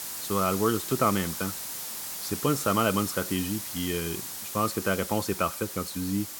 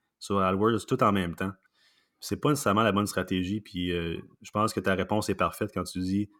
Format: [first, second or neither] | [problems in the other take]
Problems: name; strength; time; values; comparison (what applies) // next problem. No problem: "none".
second | hiss; loud; throughout; 5 dB below the speech